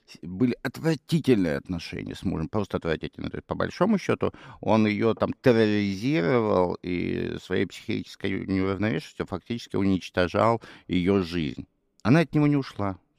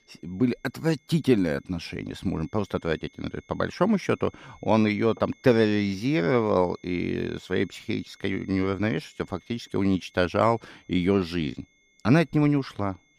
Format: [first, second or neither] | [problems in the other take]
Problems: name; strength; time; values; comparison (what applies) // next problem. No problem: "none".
first | high-pitched whine; faint; throughout; 2 kHz, 30 dB below the speech